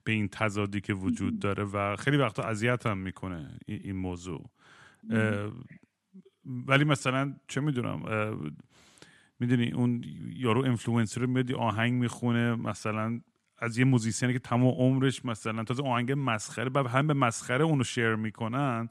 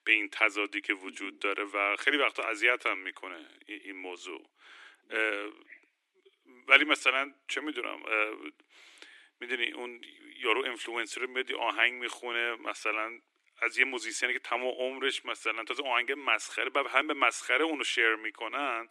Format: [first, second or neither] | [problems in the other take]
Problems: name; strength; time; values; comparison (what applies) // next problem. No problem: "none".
first | thin; very; fading below 300 Hz